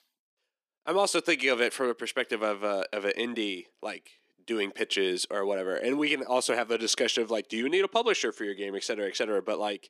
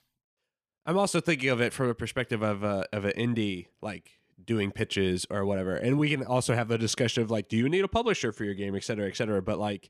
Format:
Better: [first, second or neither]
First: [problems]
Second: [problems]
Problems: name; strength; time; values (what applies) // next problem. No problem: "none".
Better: second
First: thin; somewhat; fading below 300 Hz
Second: none